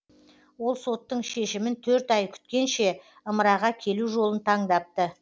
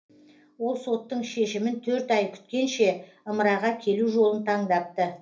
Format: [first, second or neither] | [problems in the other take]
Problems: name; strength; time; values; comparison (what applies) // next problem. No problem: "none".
first | room echo; dies away in 0.3 s